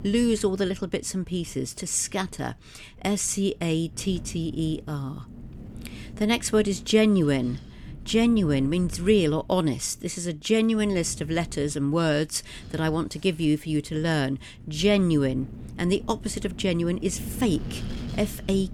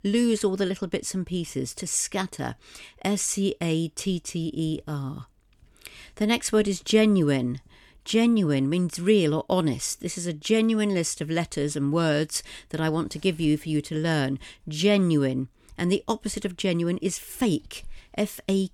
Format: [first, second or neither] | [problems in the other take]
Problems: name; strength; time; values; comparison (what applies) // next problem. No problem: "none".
second | wind noise on the microphone; occasional gusts; 20 dB below the speech